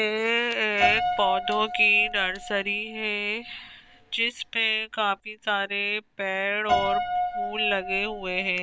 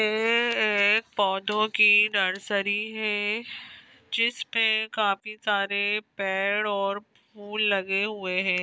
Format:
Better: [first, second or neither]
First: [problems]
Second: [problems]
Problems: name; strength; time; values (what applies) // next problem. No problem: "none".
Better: second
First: background sound (Piano); 5 dB below the speech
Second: none